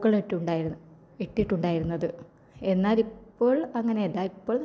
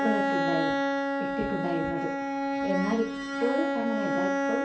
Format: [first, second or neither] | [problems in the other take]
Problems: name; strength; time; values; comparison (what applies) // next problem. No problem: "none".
first | background sound (Bowed string instrument); 3 dB above the speech // room echo; dies away in 0.3 s